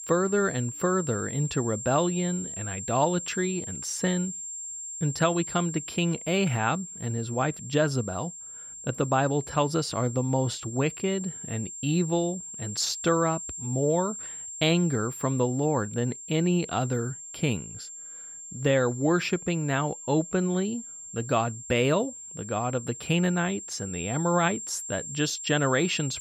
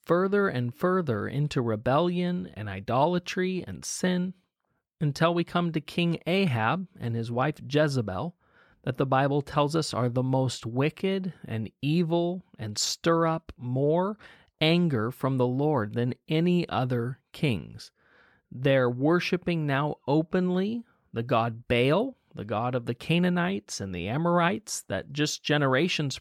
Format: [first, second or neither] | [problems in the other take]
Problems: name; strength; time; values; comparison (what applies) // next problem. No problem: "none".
second | high-pitched whine; loud; throughout; 7.5 kHz, 9 dB below the speech